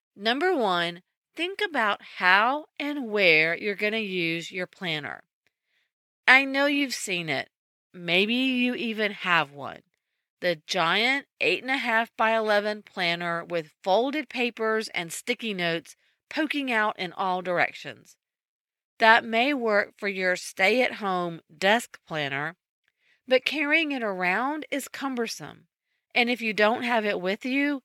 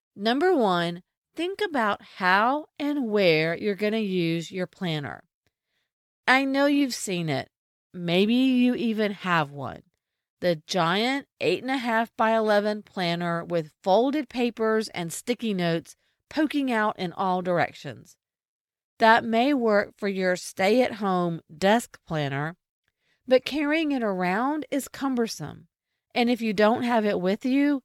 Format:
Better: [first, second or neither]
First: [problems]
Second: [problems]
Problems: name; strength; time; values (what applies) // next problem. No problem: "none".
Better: second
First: thin; very slightly; fading below 600 Hz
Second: none